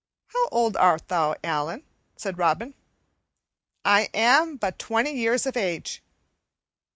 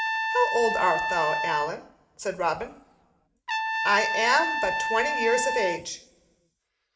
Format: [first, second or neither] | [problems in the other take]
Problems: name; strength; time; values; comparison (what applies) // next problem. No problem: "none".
first | background sound (Trumpet); 1 dB below the speech // room echo; dies away in 0.6 s